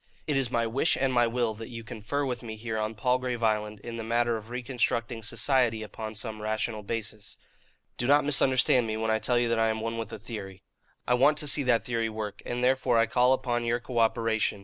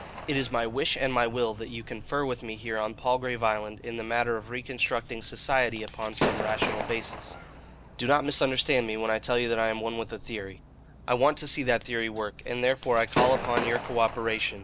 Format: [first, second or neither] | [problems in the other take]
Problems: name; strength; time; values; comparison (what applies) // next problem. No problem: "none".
first | background sound (Gunshot, gunfire / Fireworks); 9 dB below the speech